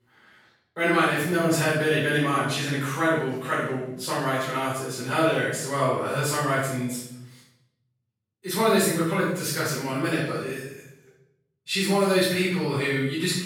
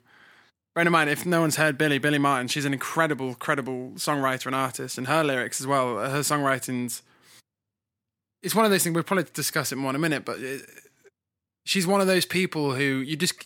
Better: second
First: off-mic speech; far // room echo; strong; dies away in 0.7 s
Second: none

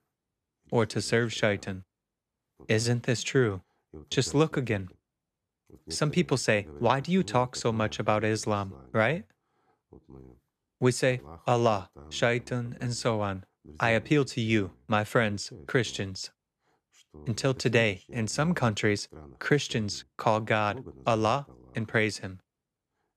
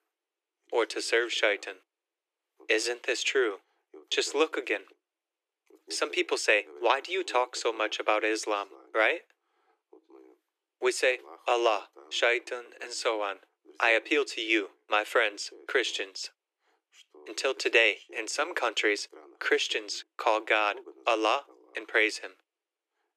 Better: first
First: none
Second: thin; very; fading below 350 Hz

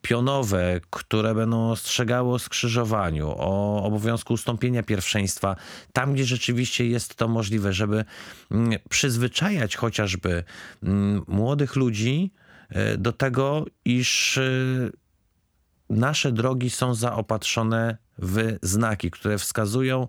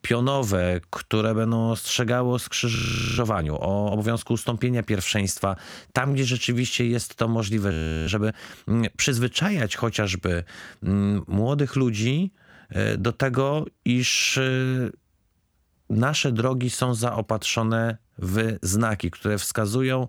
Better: first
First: none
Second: audio freezing; at 3 s and at 7.5 s

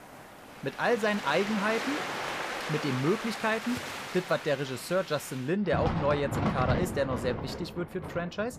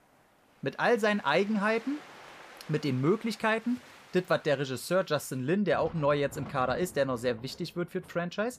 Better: second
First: rain or running water; loud; throughout; 4 dB below the speech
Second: rain or running water; faint; throughout; 20 dB below the speech

